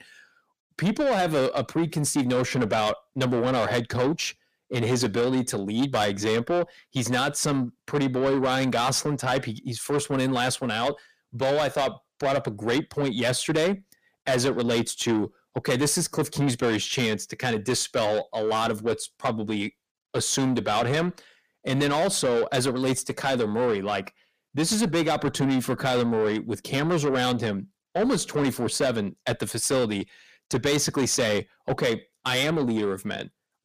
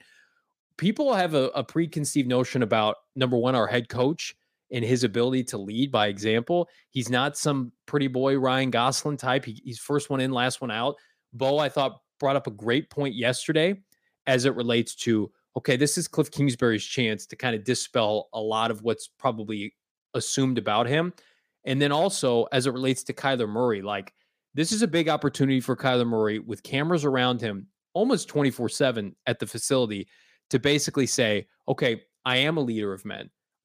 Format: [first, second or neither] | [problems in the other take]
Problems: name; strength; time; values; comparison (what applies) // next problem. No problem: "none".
second | distortion; heavy; 8 dB below the speech